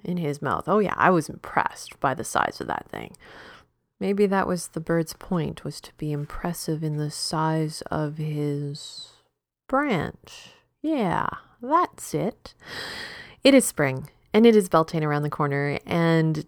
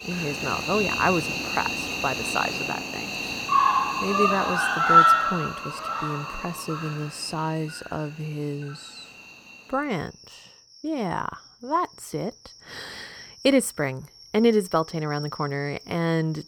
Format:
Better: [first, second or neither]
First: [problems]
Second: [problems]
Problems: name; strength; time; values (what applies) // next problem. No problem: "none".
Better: first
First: none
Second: animal sounds; very loud; throughout; 4 dB above the speech